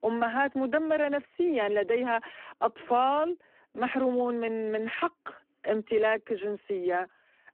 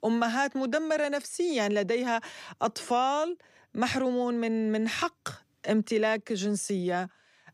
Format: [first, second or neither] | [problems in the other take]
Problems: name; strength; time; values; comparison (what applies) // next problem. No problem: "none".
second | phone-call audio; poor line